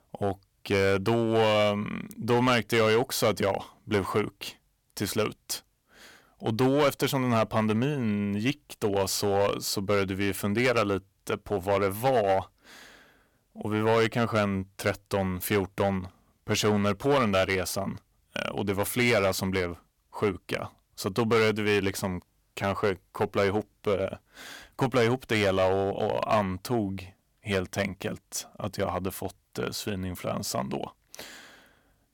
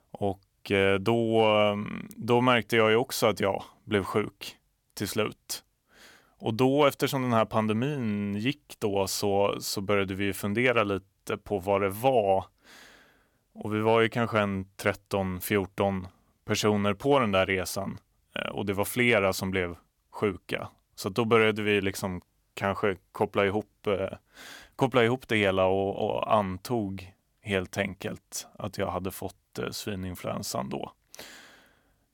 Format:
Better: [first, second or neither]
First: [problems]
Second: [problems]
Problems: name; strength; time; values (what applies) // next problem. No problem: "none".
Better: second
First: distortion; slight; 4% of the sound clipped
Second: none